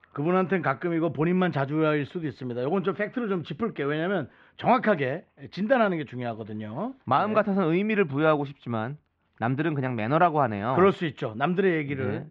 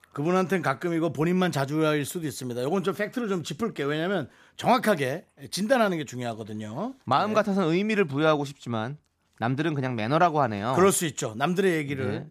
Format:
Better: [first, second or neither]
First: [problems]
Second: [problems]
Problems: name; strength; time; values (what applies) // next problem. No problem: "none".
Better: second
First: muffled; very; fading above 3 kHz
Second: none